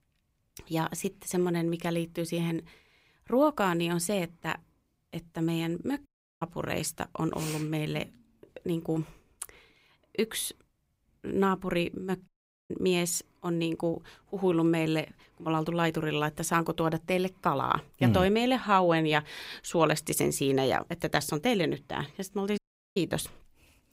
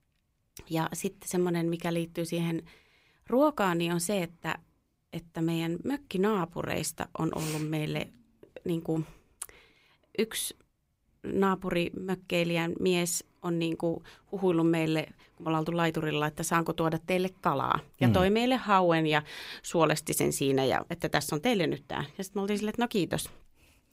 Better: second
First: audio cutting out; at 6 s, at 12 s and at 23 s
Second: none

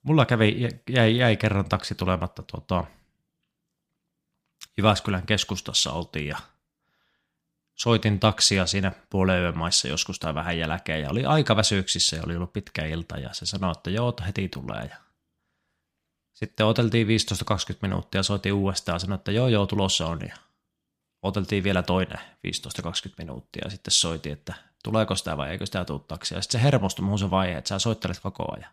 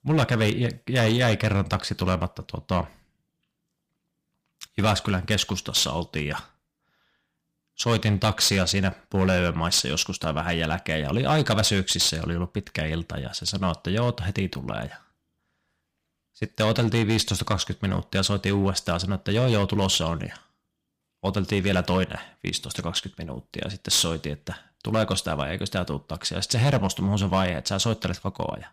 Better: first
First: none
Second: distortion; slight; 5% of the sound clipped

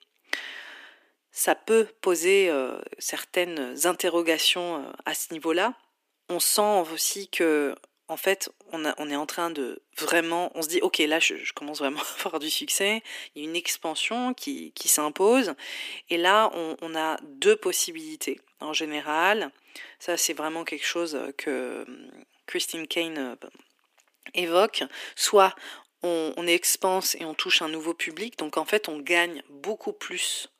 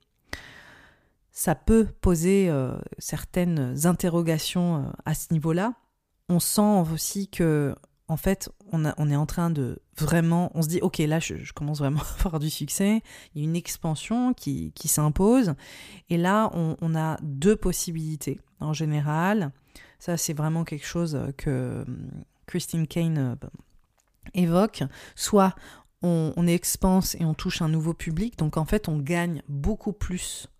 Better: second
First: thin; very; fading below 300 Hz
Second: none

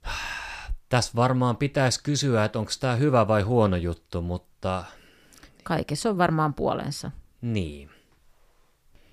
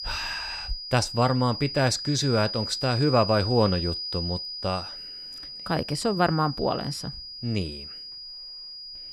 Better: first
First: none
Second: high-pitched whine; loud; throughout; 5 kHz, 7 dB below the speech

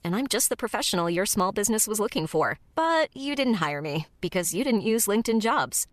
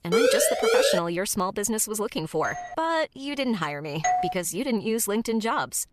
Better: first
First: none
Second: siren; loud; at the start; peak 6 dB above the speech // doorbell; noticeable; at 2.5 s; peak 10 dB below the speech // doorbell; loud; at 4 s; peak 2 dB above the speech

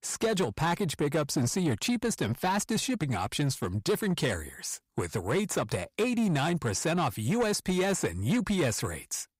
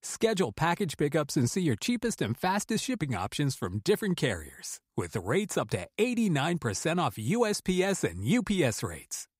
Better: second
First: distortion; slight; 10 dB below the speech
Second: none

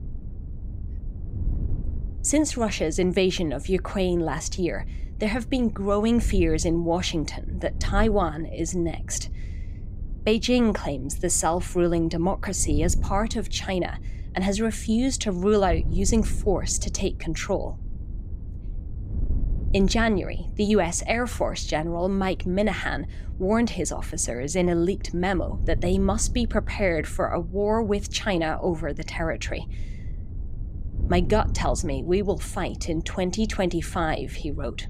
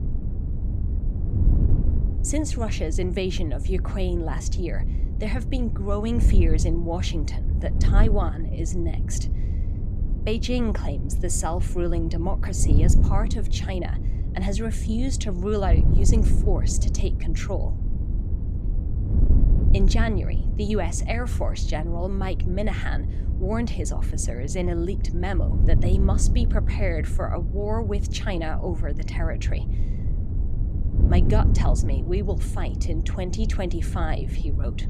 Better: first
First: wind noise on the microphone; occasional gusts; 20 dB below the speech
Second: wind noise on the microphone; heavy; 8 dB below the speech

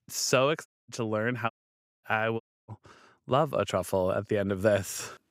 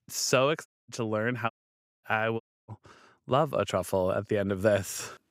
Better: neither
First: audio cutting out; at 0.5 s, at 1.5 s for 0.5 s and at 2.5 s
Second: audio cutting out; at 0.5 s, at 1.5 s for 0.5 s and at 2.5 s

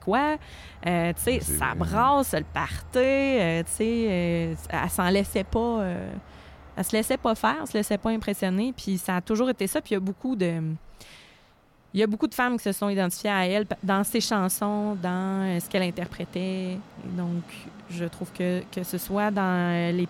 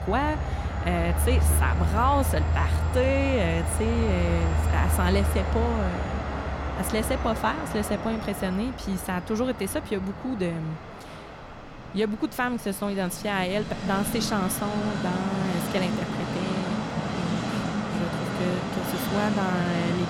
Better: first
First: train or aircraft noise; faint; throughout; 20 dB below the speech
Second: train or aircraft noise; loud; throughout; as loud as the speech

